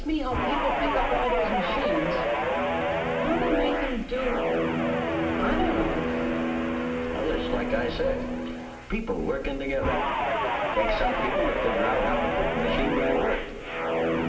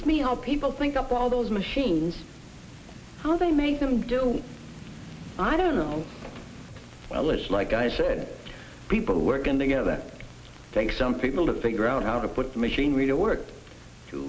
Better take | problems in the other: second | background sound (Guitar); 3 dB above the speech // room echo; dies away in 2.4 s

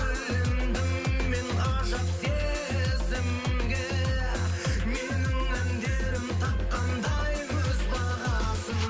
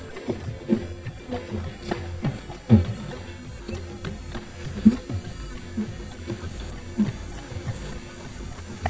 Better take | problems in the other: first | noise reduction (neural mask model DeepFilterNet 3)

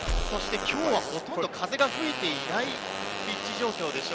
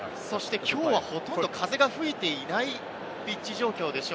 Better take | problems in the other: second | background sound (Tools + Fart); 3 dB below the speech

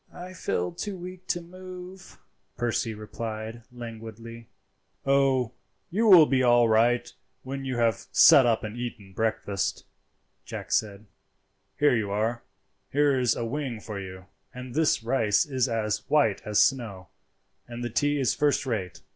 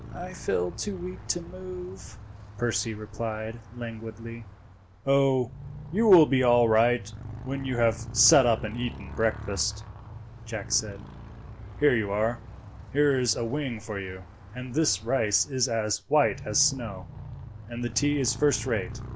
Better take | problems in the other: first | background sound (Motorcycle); 13 dB below the speech

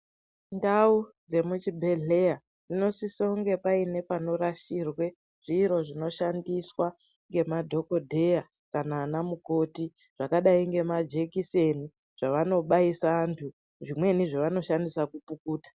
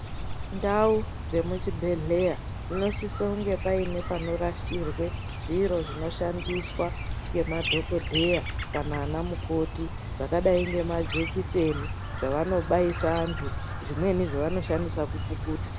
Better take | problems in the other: first | background sound (Chirp, tweet); 4 dB below the speech

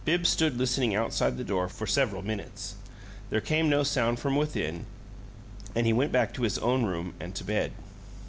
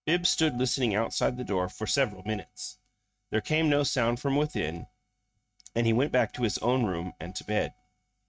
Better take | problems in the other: first | noise reduction (neural mask model RNNoise)

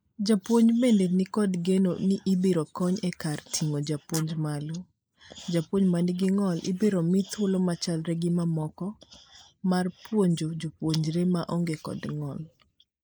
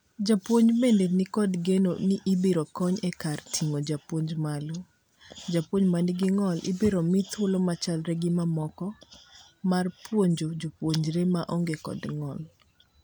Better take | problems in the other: second | noise reduction (neural mask model Resemble Enhance denoiser)

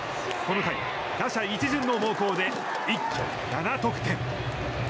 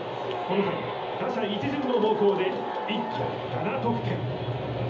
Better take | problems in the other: first | room echo; dies away in 0.7 s

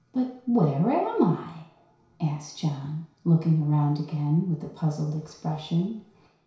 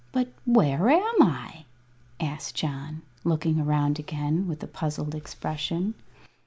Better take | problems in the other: second | room echo; dies away in 0.6 s

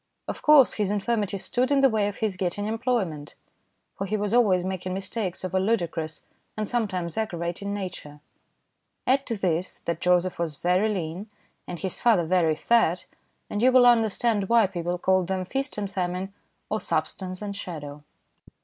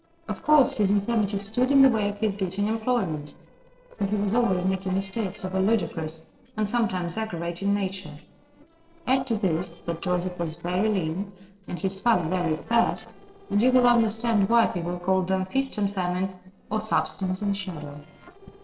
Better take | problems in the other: first | noise reduction (neural separator model SepFormer DNS4)

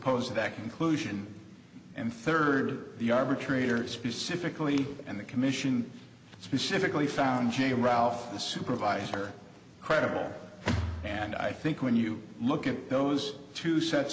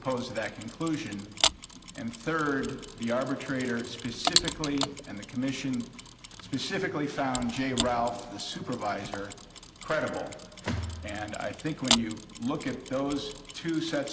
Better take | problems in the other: first | background sound (Mechanisms); 4 dB below the speech

